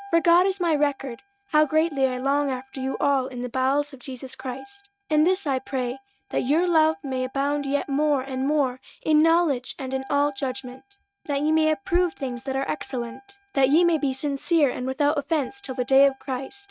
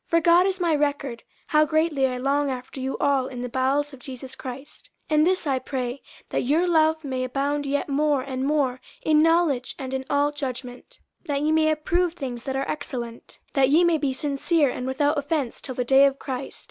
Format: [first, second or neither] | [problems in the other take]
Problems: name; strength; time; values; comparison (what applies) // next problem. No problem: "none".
second | noise reduction (neural mask model RNNoise)